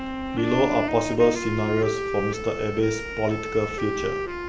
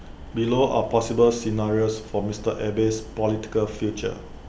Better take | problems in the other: second | background sound (Wind instrument, woodwind instrument); 4 dB below the speech

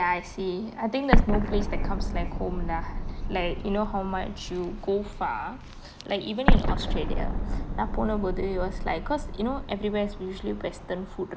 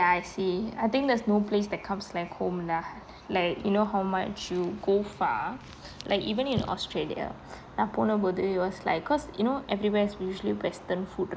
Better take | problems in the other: second | background sound (Explosion); 3 dB above the speech

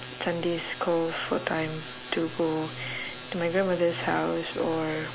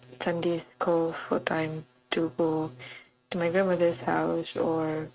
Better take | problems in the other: first | noise reduction (neural mask model RNNoise)

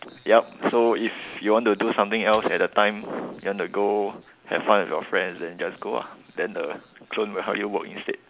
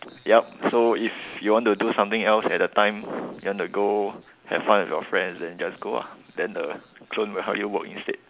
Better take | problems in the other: second | background sound (Coin (dropping)); 19 dB below the speech

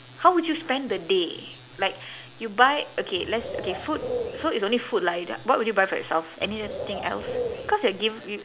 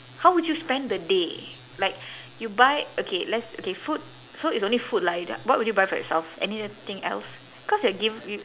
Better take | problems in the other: second | background sound (Bird); 7 dB below the speech

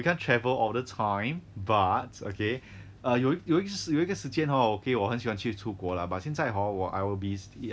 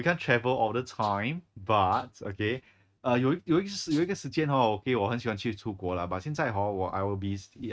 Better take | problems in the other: first | noise reduction (neural mask model RNNoise)

